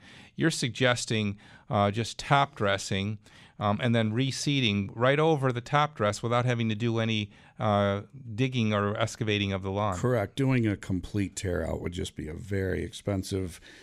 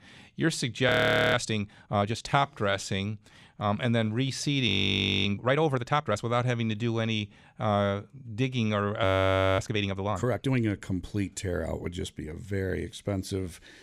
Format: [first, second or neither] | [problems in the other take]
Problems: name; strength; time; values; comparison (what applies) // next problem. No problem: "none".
first | audio freezing; at 1 s, at 4.5 s for 0.5 s and at 9 s for 0.5 s